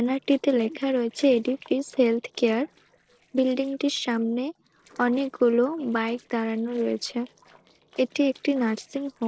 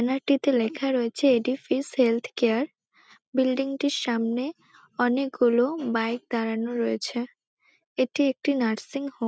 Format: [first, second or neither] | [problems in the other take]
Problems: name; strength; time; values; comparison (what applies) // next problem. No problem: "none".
second | noise reduction (neural separator model SepFormer DNS4)